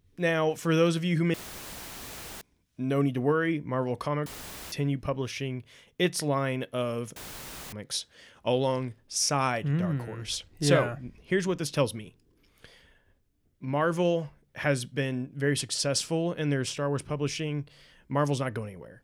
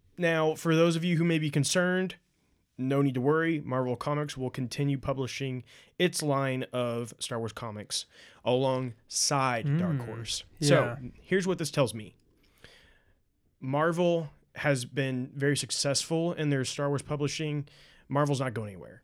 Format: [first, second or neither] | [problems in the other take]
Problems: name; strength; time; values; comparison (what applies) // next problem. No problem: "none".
second | audio cutting out; filled with static; at 1.5 s for 1 s, at 4.5 s and at 7 s for 0.5 s